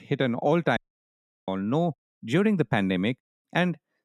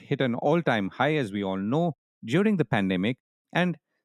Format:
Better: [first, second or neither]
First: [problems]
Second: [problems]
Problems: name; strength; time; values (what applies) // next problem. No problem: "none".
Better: second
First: audio cutting out; at 1 s for 0.5 s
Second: none